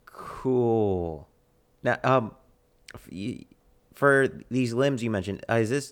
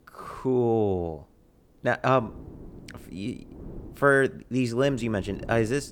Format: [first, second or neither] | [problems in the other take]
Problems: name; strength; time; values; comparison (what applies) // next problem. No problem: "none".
first | wind noise on the microphone; occasional gusts; 25 dB below the speech